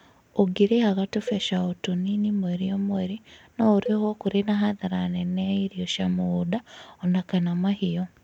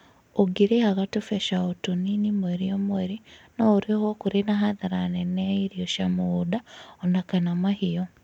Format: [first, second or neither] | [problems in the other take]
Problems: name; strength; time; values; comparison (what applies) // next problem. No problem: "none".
second | background sound (Cowbell); 17 dB below the speech